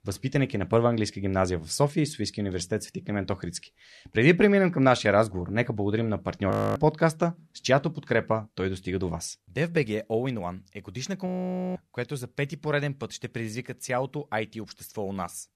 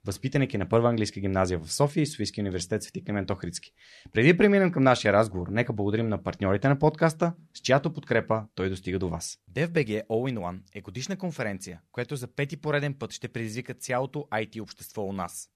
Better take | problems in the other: second | audio freezing; at 6.5 s and at 11 s

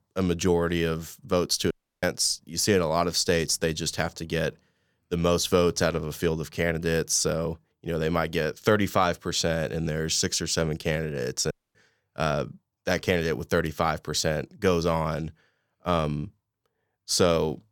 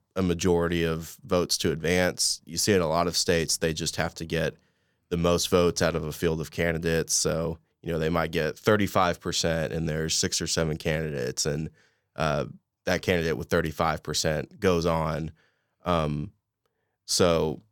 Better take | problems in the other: second | audio cutting out; at 1.5 s and at 12 s

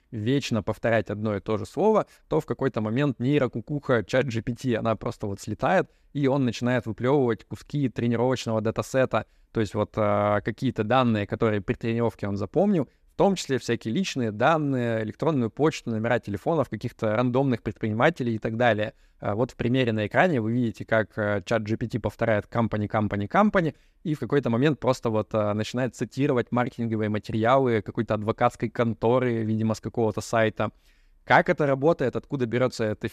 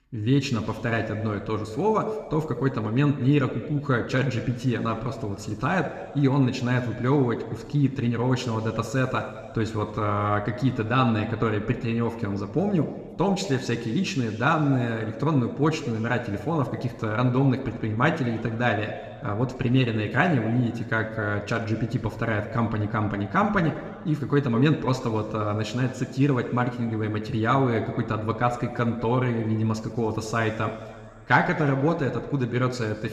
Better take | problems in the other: first | room echo; slight; dies away in 2 s

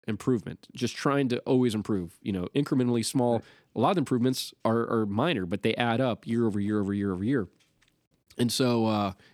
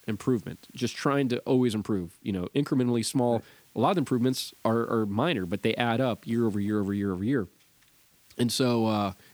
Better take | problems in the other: first | hiss; faint; throughout; 30 dB below the speech

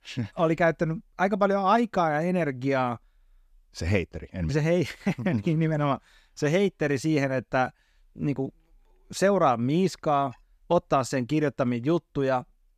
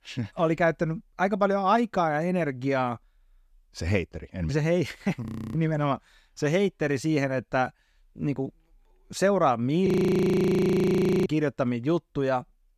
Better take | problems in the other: first | audio freezing; at 5.5 s and at 10 s for 1.5 s

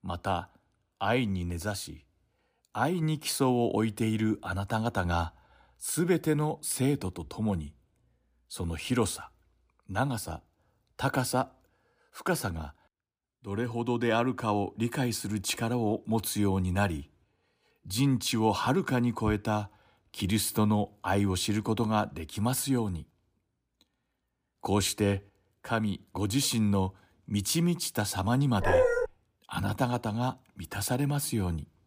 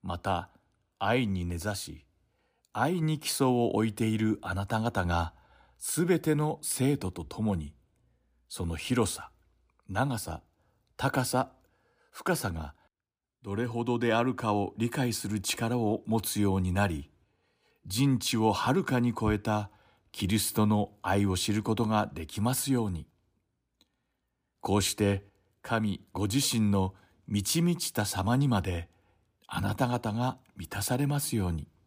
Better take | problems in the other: second | dog barking; loud; at 29 s; peak 5 dB above the speech

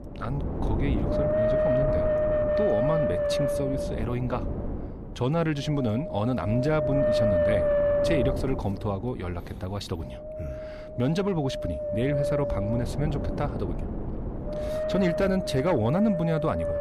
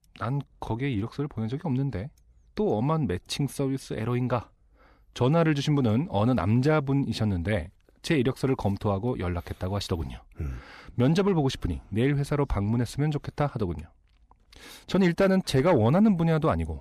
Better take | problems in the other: second | wind noise on the microphone; heavy; 5 dB above the speech

